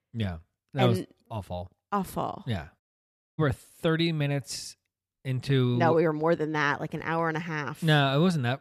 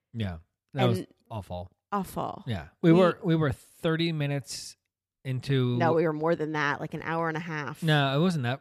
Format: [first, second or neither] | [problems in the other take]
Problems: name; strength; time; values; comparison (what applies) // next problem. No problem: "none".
second | audio cutting out; at 3 s for 0.5 s